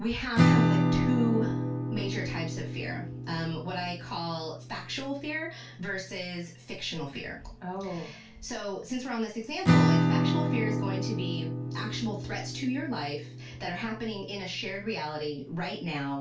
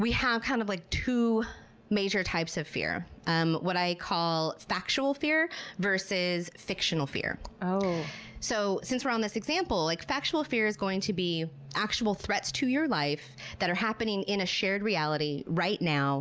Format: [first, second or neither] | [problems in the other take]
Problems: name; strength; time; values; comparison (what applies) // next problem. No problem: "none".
second | background sound (Acoustic guitar / Strum); 4 dB above the speech // room echo; dies away in 0.2 s